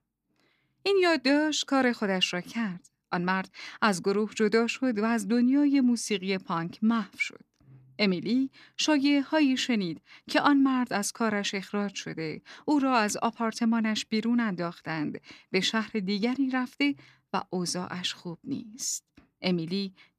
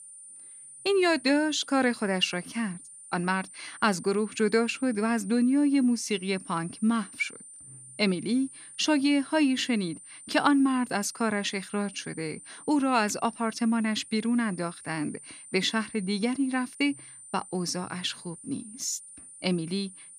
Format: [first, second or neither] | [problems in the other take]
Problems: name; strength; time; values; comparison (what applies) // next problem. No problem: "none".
first | high-pitched whine; noticeable; throughout; 9 kHz, 15 dB below the speech